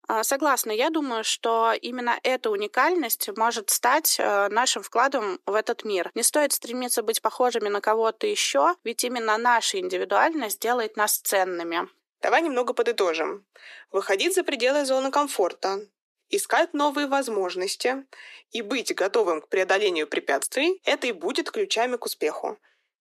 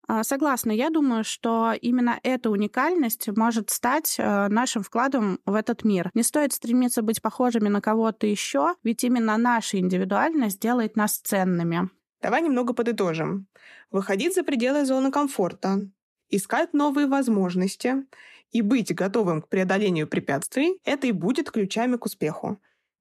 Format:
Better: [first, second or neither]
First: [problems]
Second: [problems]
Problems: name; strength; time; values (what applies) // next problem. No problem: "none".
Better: second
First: thin; very; fading below 350 Hz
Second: none